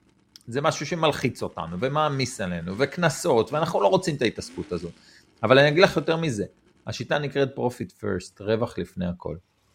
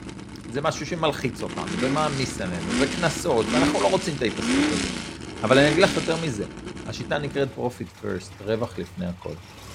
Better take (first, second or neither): first